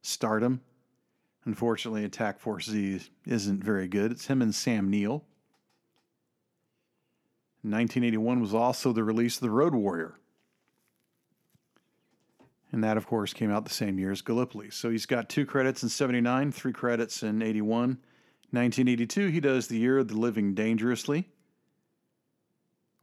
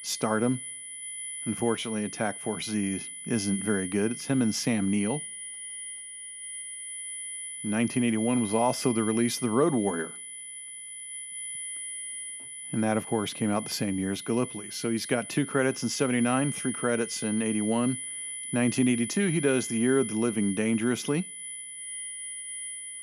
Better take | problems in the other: first | high-pitched whine; loud; throughout; 10 kHz, 8 dB below the speech

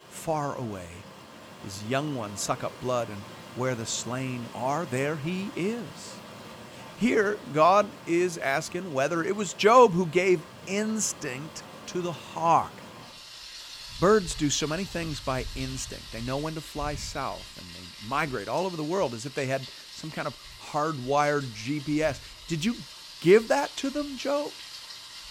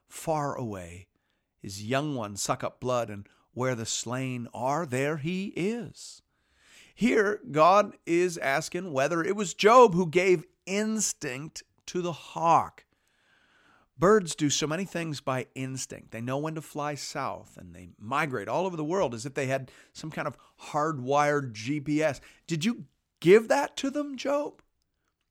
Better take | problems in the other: second | rain or running water; noticeable; throughout; 15 dB below the speech

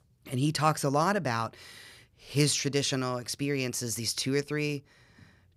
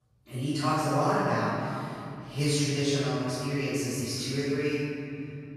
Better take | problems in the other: first | off-mic speech; far // room echo; strong; dies away in 2.6 s

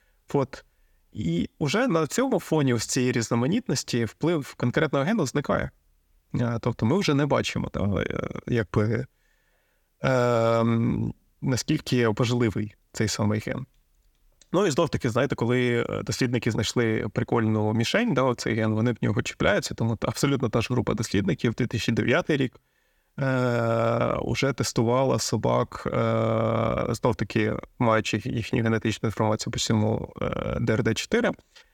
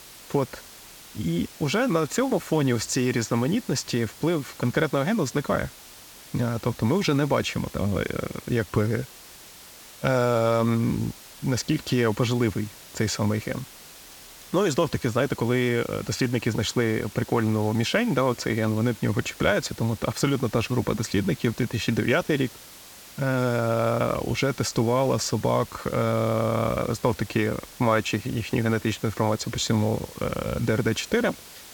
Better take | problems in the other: first | hiss; noticeable; throughout; 20 dB below the speech

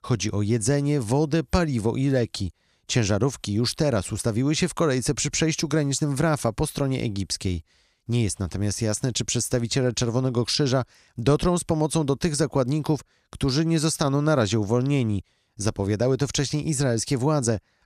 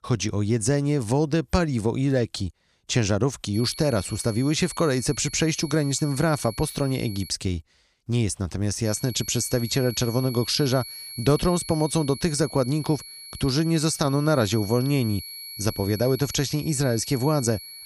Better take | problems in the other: first | high-pitched whine; noticeable; from 3.5 to 7.5 s and from 9 s on; 4.5 kHz, 15 dB below the speech

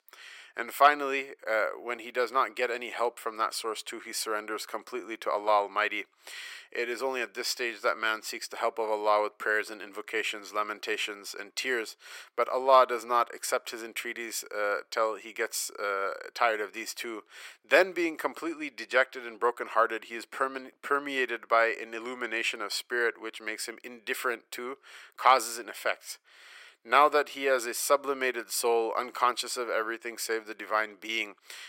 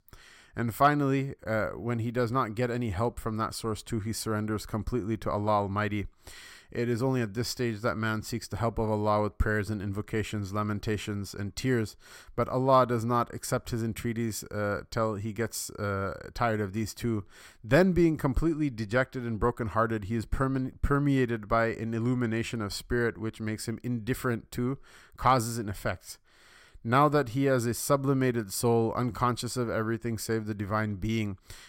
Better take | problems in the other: second | thin; very; fading below 400 Hz

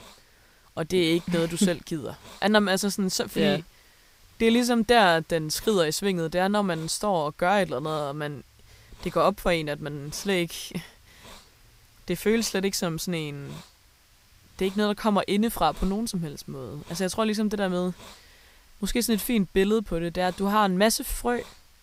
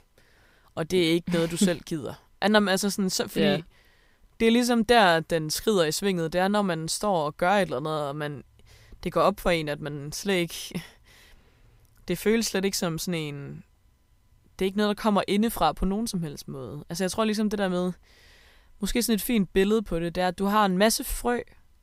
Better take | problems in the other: second | hiss; faint; throughout; 25 dB below the speech

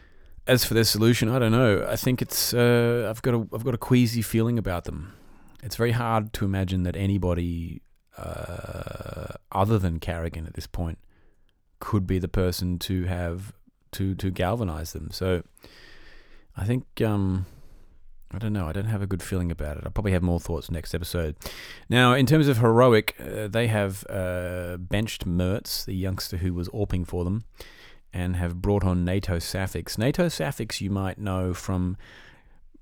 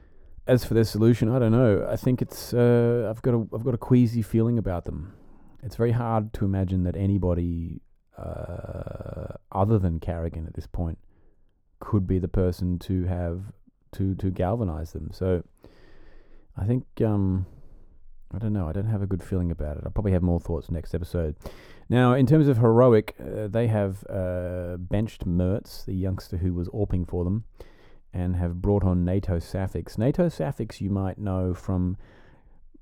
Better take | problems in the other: first | muffled; slightly; fading above 1.5 kHz

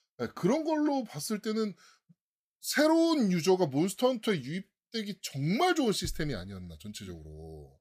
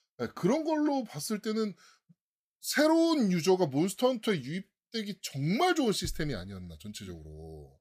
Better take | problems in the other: neither | none

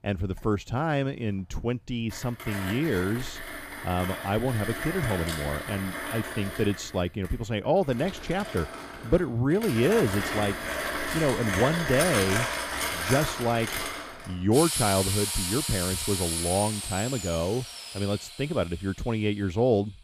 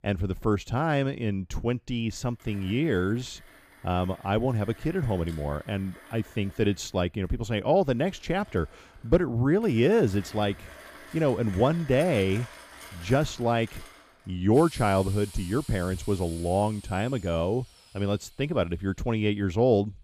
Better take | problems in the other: second | machinery noise; loud; throughout; 3 dB below the speech; faint in the second

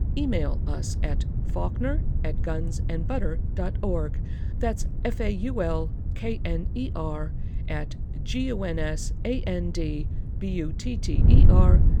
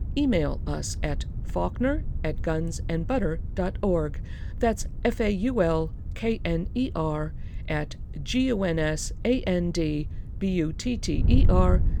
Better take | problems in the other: second | wind noise on the microphone; heavy; 9 dB below the speech; occasional gusts in the second

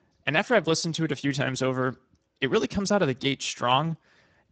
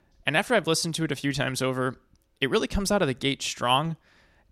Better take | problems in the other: second | garbled, watery; badly; nothing above 8 kHz

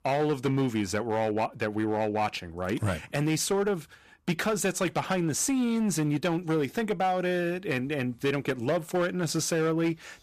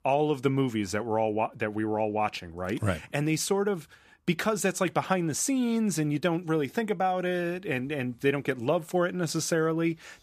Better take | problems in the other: second | distortion; slight; 11% of the sound clipped

